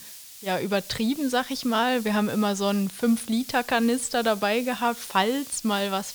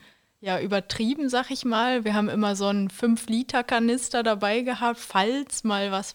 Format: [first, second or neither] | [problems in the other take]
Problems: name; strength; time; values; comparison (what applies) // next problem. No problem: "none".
second | hiss; noticeable; throughout; 15 dB below the speech